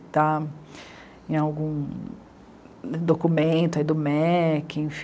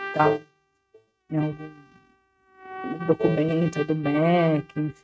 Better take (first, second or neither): first